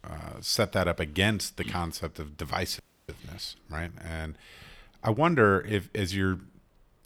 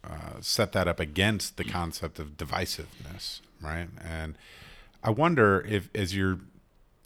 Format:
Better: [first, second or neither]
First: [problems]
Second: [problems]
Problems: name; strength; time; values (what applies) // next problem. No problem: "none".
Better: second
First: audio freezing; at 3 s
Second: none